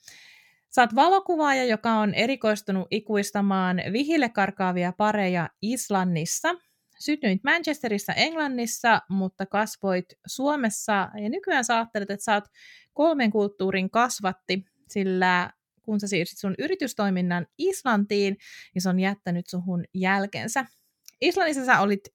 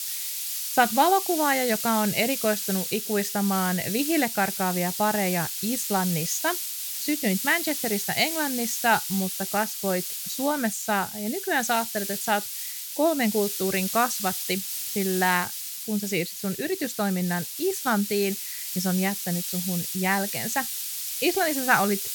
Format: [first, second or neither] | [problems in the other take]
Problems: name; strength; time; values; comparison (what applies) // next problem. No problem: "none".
first | hiss; loud; throughout; 3 dB below the speech